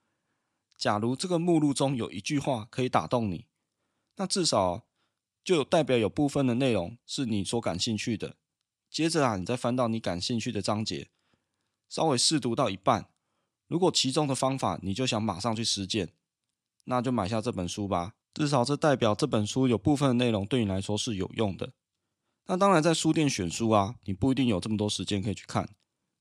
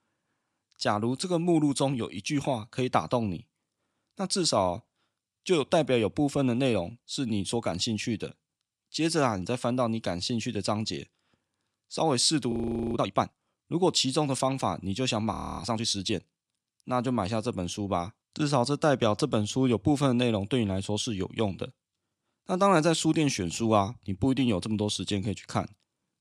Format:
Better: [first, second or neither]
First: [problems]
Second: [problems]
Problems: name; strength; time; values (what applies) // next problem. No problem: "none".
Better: first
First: none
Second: audio freezing; at 13 s and at 15 s